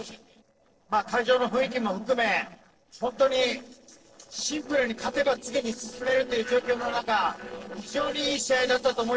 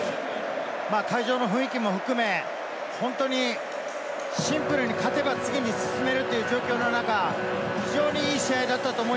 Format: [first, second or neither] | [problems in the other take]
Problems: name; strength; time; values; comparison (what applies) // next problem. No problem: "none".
second | noise reduction (neural separator model SepFormer DNS4)